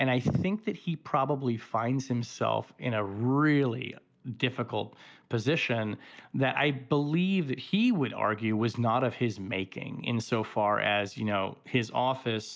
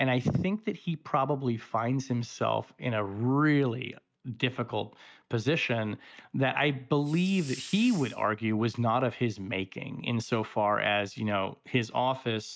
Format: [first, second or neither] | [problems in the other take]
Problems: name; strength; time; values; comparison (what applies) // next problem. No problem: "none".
first | noise reduction (neural mask model RNNoise)